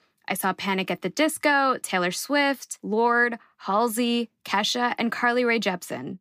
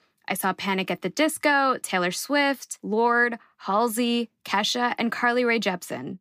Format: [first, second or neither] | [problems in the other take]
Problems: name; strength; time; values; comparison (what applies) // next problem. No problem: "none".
neither | none